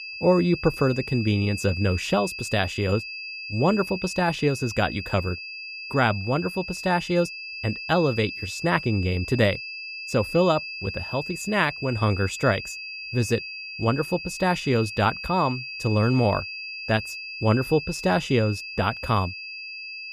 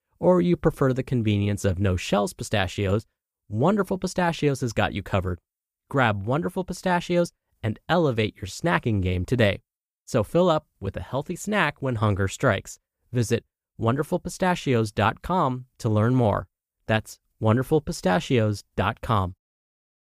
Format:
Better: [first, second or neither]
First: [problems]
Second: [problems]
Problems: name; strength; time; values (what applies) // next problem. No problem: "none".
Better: second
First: high-pitched whine; loud; throughout; 2.5 kHz, 8 dB below the speech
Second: none